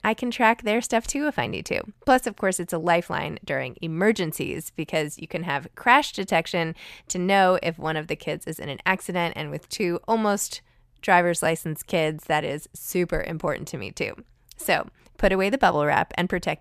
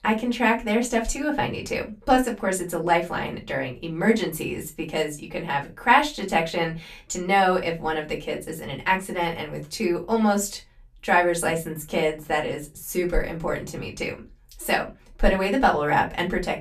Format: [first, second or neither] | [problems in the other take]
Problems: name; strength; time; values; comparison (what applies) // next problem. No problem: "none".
first | off-mic speech; far // room echo; very slight; dies away in 0.2 s